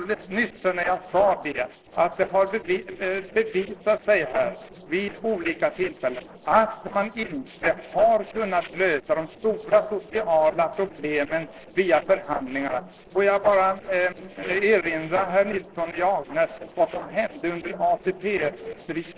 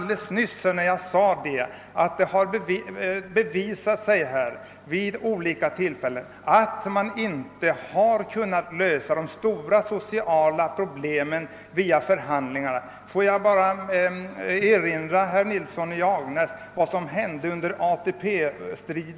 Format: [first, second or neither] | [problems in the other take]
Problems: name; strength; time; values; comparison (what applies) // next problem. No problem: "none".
second | noise reduction (neural separator model SepFormer DNS4)